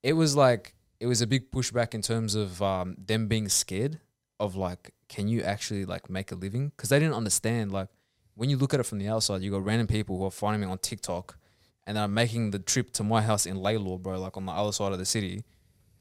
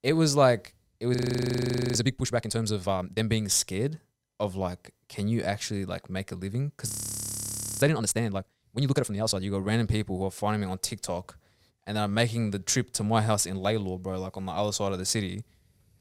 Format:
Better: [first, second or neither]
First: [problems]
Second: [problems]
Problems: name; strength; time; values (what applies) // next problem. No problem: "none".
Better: first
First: none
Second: audio freezing; at 1 s for 1 s and at 7 s for 1 s